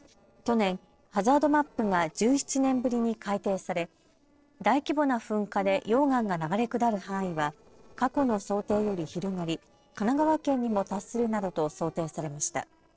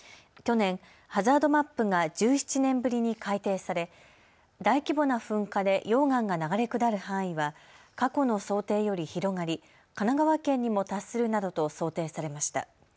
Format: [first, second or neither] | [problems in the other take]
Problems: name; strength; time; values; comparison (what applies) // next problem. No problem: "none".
second | noise reduction (neural separator model SepFormer DNS4)